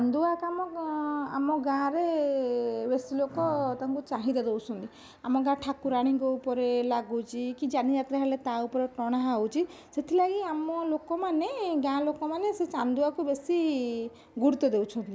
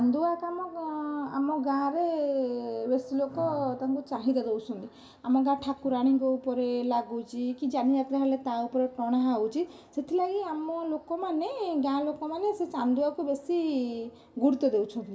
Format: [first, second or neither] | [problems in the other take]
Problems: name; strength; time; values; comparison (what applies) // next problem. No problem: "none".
first | room echo; dies away in 0.7 s